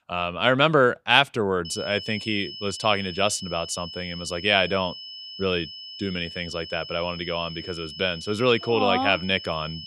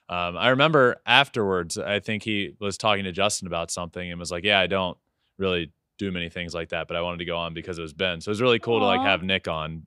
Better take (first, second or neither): second